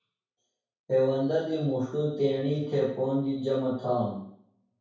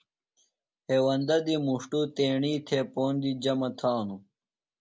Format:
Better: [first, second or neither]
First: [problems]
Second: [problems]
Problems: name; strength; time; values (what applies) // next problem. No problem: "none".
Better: second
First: room echo; dies away in 0.6 s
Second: none